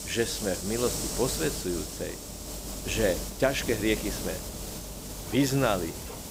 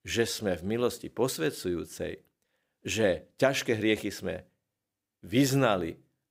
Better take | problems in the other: second | hiss; loud; throughout; 5 dB below the speech

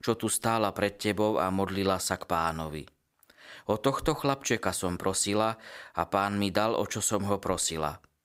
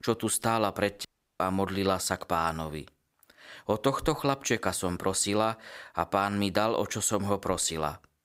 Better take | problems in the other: first | audio cutting out; at 1 s

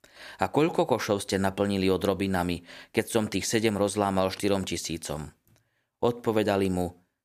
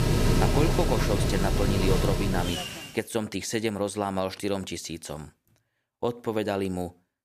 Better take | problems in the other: first | machinery noise; very loud; until 2.5 s; 3 dB above the speech

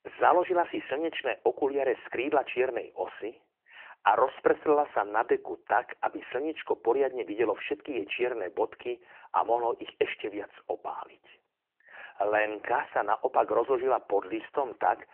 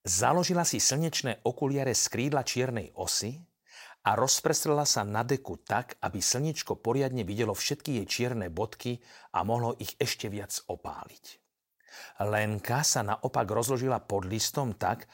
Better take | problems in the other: second | phone-call audio; nothing above 3 kHz

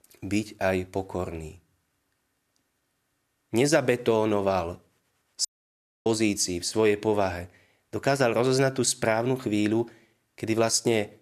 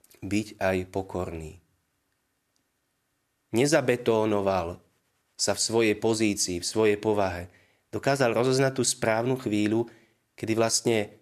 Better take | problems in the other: second | audio cutting out; at 5.5 s for 0.5 s

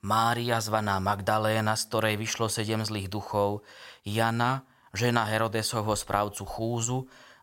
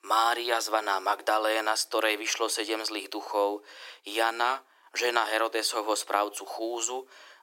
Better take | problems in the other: first | thin; very; fading below 300 Hz

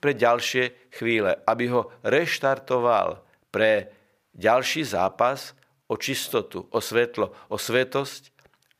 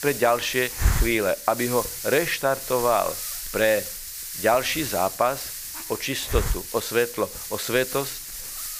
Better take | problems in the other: first | hiss; loud; throughout; 6 dB below the speech

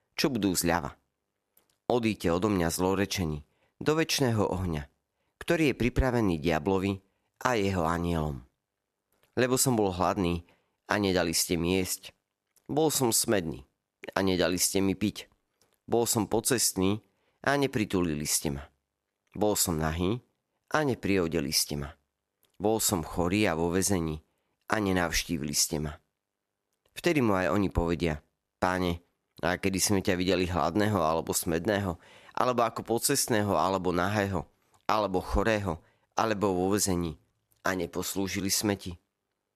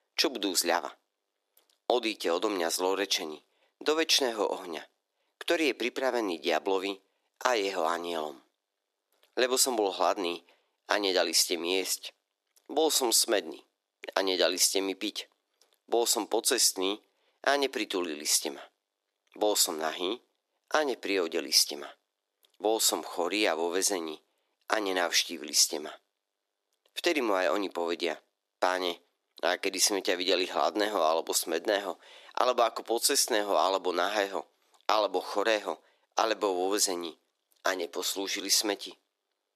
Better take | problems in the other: first | thin; somewhat; fading below 300 Hz

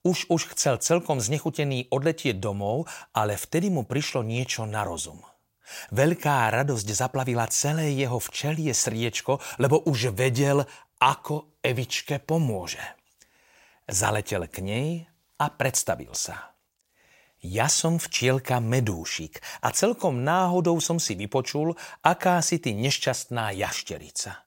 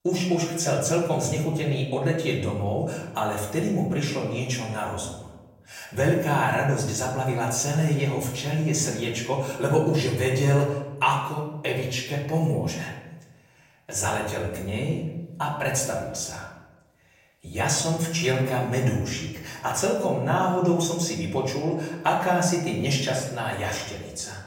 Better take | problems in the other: first | off-mic speech; far // room echo; noticeable; dies away in 0.9 s

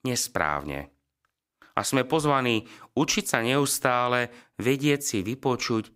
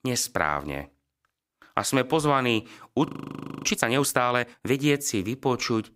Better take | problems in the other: first | audio freezing; at 3 s for 0.5 s

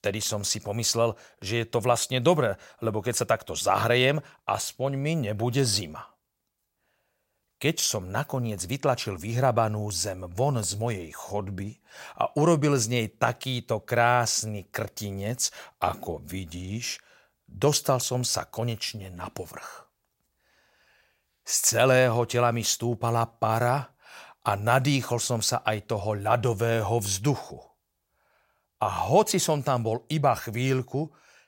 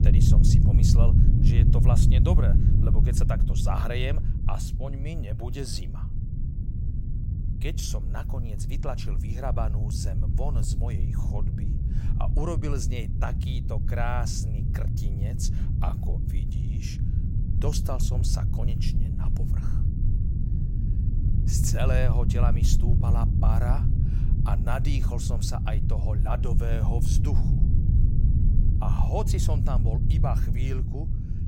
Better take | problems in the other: first | low rumble; loud; throughout; 3 dB below the speech

